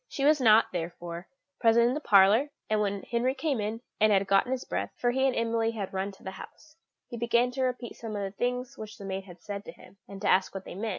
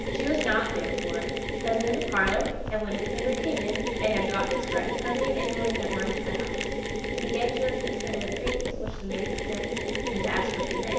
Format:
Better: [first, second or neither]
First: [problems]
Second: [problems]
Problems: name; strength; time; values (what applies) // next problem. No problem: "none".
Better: first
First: none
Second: background sound (Mechanisms); 1 dB above the speech // room echo; dies away in 0.9 s